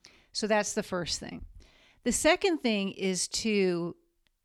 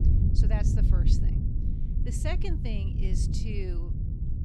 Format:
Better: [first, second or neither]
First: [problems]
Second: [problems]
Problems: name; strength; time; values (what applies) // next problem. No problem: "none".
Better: first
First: none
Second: low rumble; loud; throughout; 2 dB below the speech